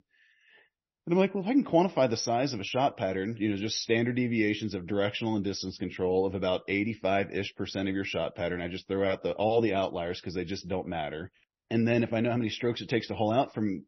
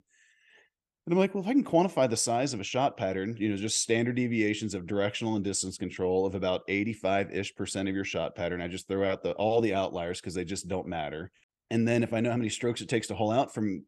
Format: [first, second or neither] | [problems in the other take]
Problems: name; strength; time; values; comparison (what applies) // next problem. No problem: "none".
second | garbled, watery; slightly; nothing above 6 kHz